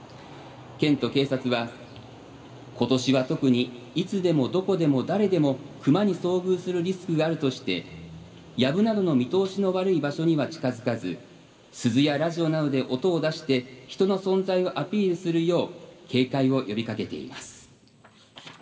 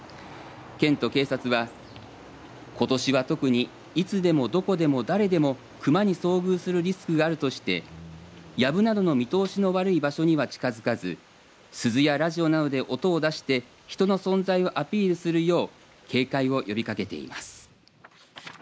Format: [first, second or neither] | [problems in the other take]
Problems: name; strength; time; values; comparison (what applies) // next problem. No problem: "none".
second | room echo; dies away in 2.7 s